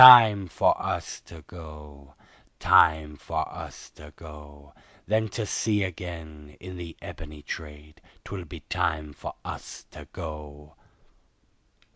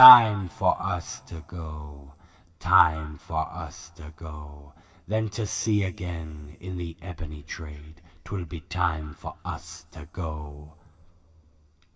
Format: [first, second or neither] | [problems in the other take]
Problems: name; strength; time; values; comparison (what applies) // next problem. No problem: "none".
first | room echo; dies away in 2.7 s